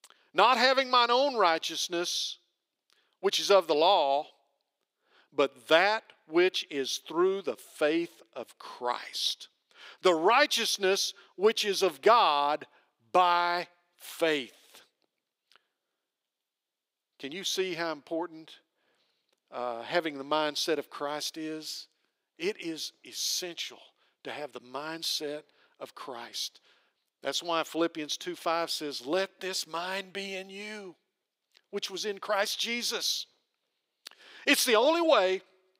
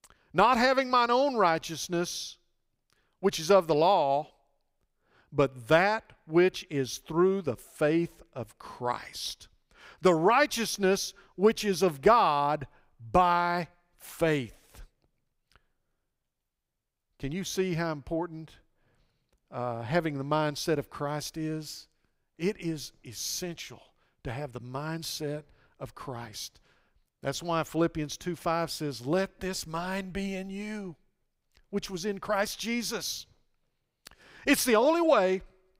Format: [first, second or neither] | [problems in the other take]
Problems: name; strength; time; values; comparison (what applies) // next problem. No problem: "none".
second | thin; somewhat; fading below 300 Hz